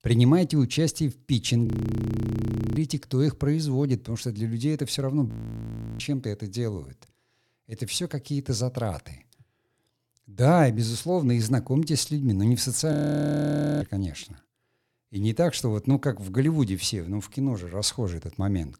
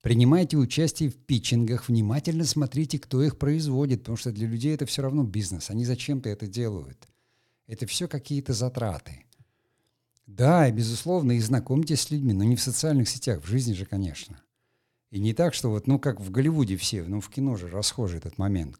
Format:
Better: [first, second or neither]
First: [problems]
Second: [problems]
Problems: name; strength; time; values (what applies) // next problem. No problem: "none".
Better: second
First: audio freezing; at 1.5 s for 1 s, at 5.5 s for 0.5 s and at 13 s for 1 s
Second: none